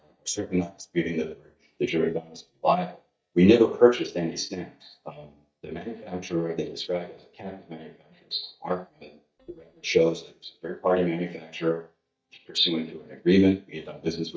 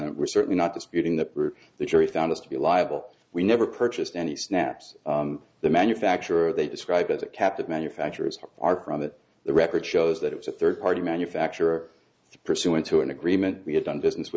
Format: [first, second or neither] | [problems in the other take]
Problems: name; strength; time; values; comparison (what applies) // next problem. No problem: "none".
second | noise reduction (neural mask model DeepFilterNet 3)